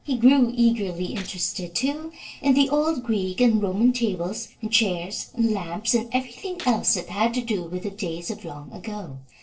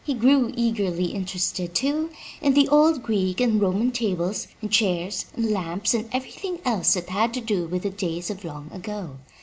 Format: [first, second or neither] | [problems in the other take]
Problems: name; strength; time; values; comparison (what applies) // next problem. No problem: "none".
second | noise reduction (neural separator model SepFormer DNS4)